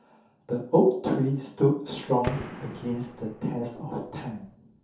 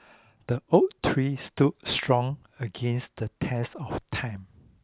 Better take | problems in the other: second | background sound (Gunshot, gunfire); 12 dB below the speech // room echo; dies away in 0.5 s

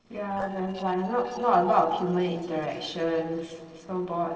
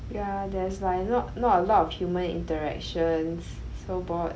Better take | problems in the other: second | noise reduction (neural separator model SepFormer DNS4)

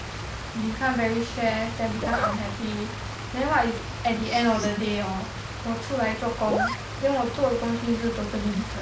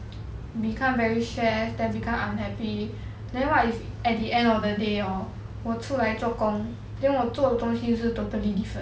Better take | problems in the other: second | background sound (Zipper (clothing) + Stream); 8 dB below the speech

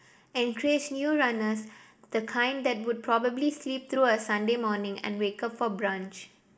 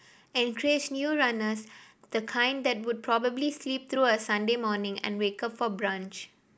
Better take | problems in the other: second | room echo; dies away in 0.8 s

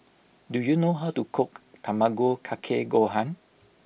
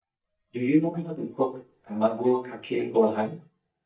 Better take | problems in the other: first | noise reduction (neural mask model DeepFilterNet 3)

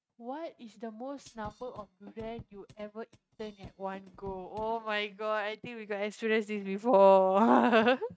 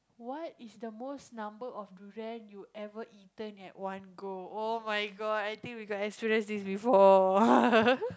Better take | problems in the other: second | noise reduction (neural mask model RNNoise)

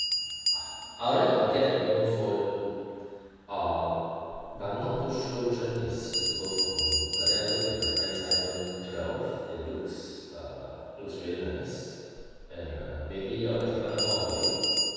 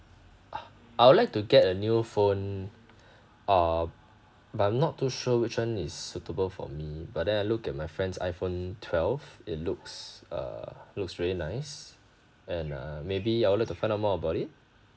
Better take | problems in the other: second | background sound (Bell); 3 dB below the speech // room echo; dies away in 2.1 s

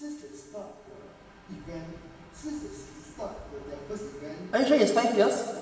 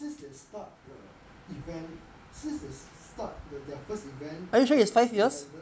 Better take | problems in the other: second | room echo; dies away in 1.6 s

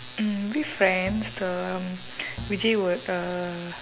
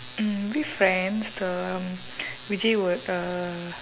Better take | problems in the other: second | background sound (Bowed string instrument); 15 dB below the speech

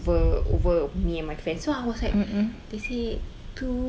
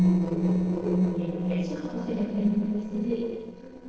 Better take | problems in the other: first | noise reduction (neural separator model SepFormer DNS4)

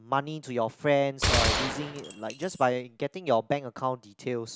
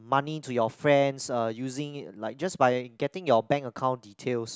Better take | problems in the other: second | background sound (Gunshot, gunfire); 1 dB below the speech

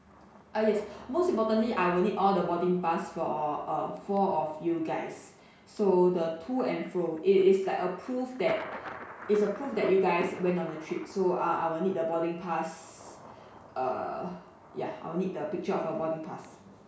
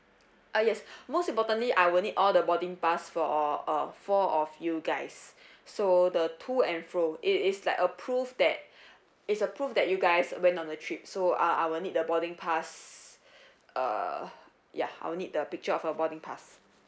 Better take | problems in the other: second | background sound (Thunder); 20 dB below the speech // room echo; dies away in 0.6 s

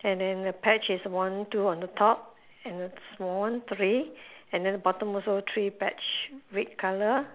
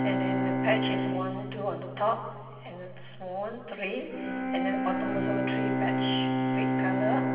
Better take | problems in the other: first | background sound (Bowed string instrument); 4 dB above the speech // room echo; dies away in 2.1 s

